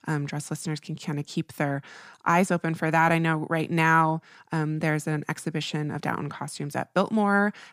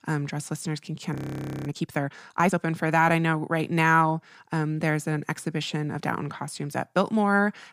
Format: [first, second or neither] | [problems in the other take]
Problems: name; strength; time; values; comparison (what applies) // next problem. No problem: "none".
first | audio freezing; at 1 s for 0.5 s